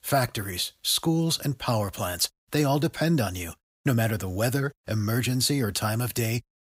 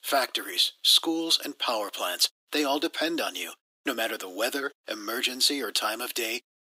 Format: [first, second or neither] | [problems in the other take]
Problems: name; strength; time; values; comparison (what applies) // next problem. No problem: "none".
first | thin; somewhat; fading below 300 Hz